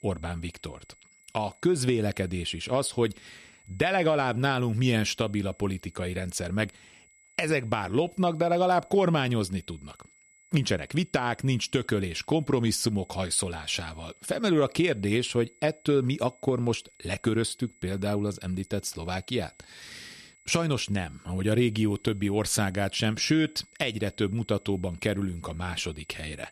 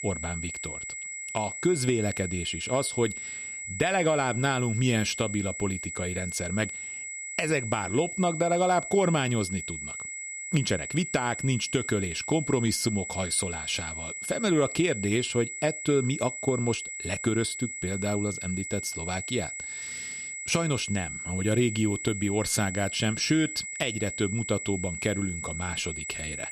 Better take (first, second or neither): first